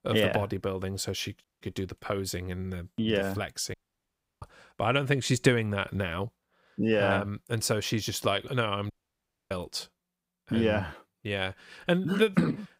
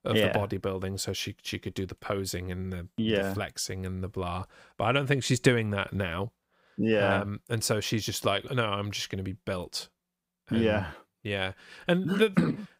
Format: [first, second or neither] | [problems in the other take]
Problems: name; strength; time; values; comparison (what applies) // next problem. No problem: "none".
second | audio cutting out; at 1.5 s, at 3.5 s for 0.5 s and at 9 s for 0.5 s